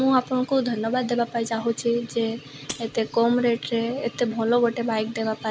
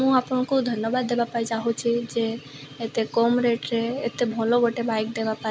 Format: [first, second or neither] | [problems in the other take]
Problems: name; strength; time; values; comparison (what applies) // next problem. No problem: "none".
second | background sound (Shatter); 19 dB below the speech